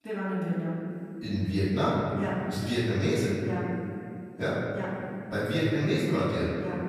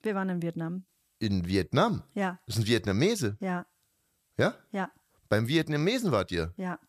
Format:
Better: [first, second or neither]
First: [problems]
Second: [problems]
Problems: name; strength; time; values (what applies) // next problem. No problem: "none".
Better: second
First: off-mic speech; far // room echo; strong; dies away in 2.5 s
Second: none